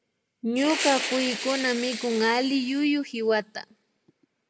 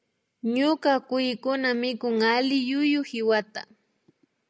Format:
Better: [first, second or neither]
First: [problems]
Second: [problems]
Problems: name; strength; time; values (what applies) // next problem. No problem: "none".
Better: second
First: background sound (Fire); 8 dB below the speech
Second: none